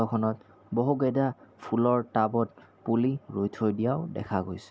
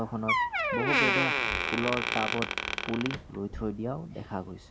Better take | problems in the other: first | background sound (Door); 3 dB above the speech

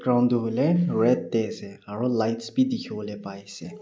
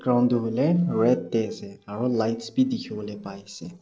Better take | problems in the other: first | noise reduction (neural separator model SepFormer DNS4)

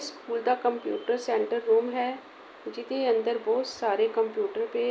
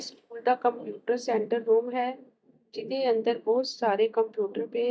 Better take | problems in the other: first | noise reduction (neural mask model DeepFilterNet 3)

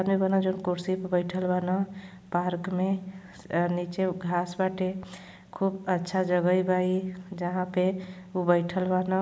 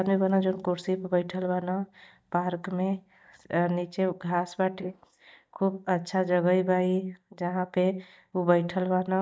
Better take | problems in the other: first | noise reduction (neural mask model DeepFilterNet 3)

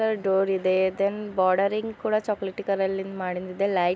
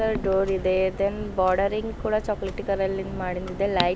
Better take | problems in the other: first | background sound (Clock); 9 dB below the speech

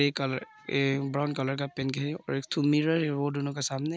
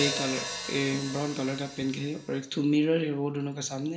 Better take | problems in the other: first | background sound (Hi-hat); 9 dB below the speech // room echo; dies away in 0.5 s

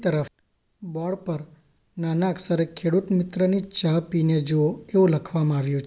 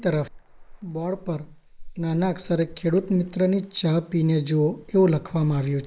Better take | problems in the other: first | noise reduction (neural mask model Resemble Enhance denoiser)

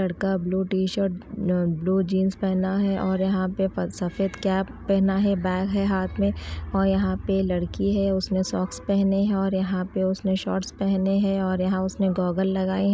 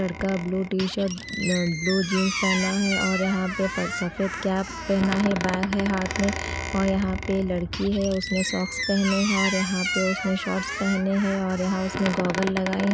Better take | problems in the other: first | background sound (Squeak); 6 dB below the speech

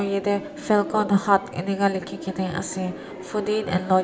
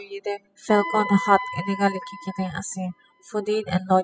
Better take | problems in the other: first | noise reduction (classical method spectral subtraction)

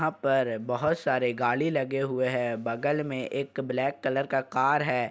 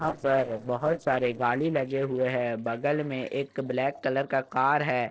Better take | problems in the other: first | noise reduction (neural separator model SepFormer DNS4)

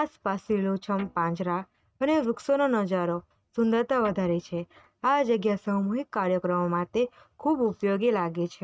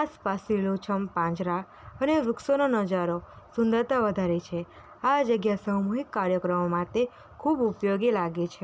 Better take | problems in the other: second | noise reduction (neural mask model RNNoise)

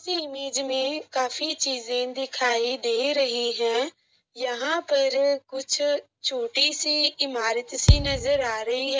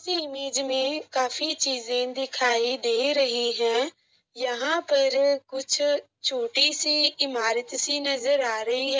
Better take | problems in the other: second | background sound (Thump, thud); 3 dB above the speech

